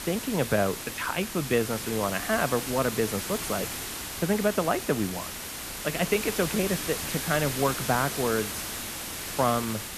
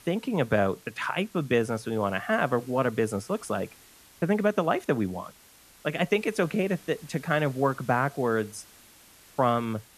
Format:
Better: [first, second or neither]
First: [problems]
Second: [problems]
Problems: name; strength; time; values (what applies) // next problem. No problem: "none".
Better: second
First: hiss; loud; throughout; 5 dB below the speech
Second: hiss; faint; throughout; 25 dB below the speech